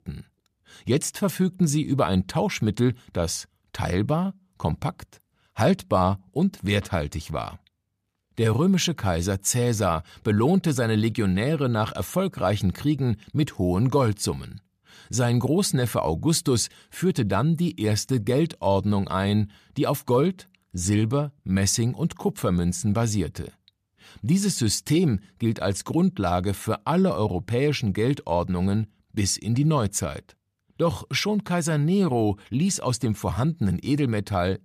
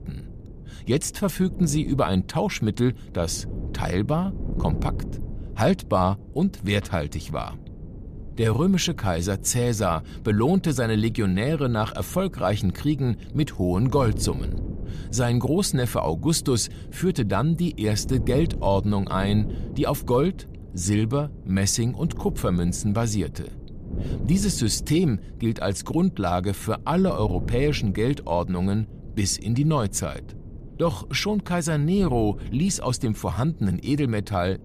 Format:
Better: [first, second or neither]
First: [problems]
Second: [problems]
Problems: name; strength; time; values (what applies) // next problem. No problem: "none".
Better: first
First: none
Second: wind noise on the microphone; occasional gusts; 20 dB below the speech